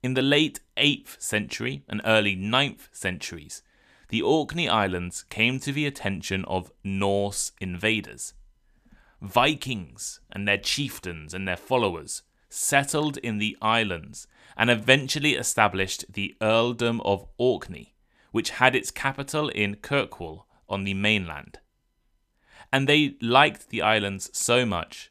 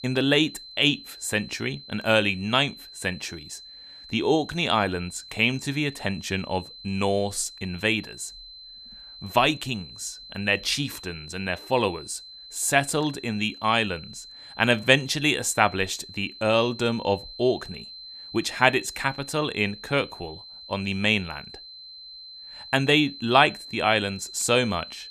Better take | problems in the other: first | high-pitched whine; noticeable; throughout; 4 kHz, 15 dB below the speech

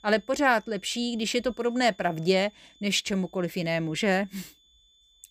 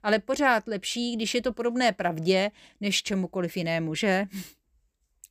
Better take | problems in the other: second | high-pitched whine; faint; throughout; 3.5 kHz, 30 dB below the speech

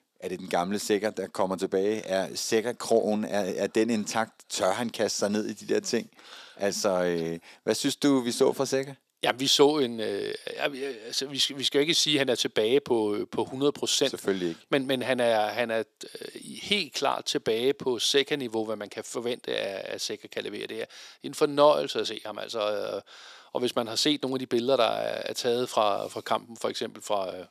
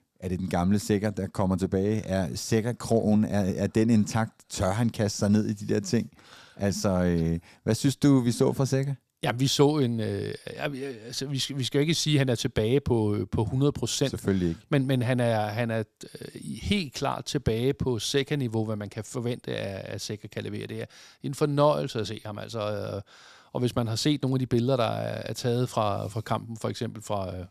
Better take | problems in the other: second | thin; somewhat; fading below 400 Hz

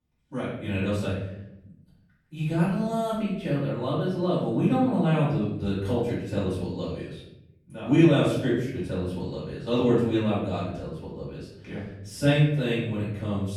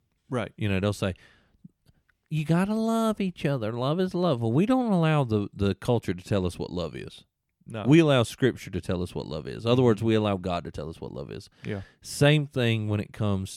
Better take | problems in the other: second | room echo; noticeable; dies away in 0.8 s // off-mic speech; far

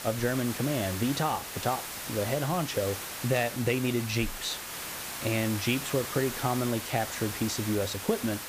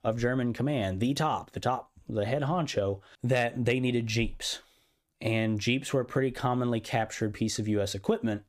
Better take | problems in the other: second | hiss; loud; throughout; 6 dB below the speech

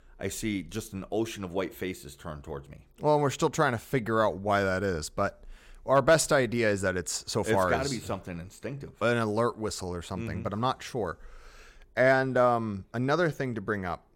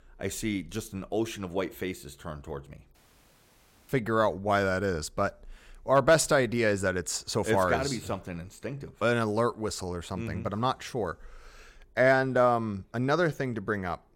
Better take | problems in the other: first | audio cutting out; at 3 s for 1 s

